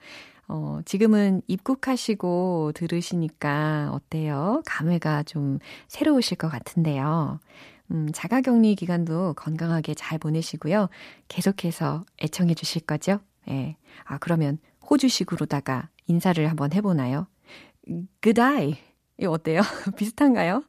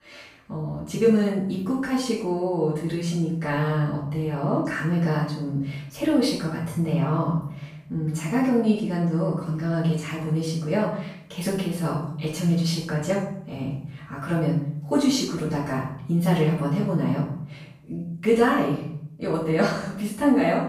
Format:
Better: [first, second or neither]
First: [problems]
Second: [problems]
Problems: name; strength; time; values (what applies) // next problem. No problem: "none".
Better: first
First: none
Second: off-mic speech; far // room echo; noticeable; dies away in 0.6 s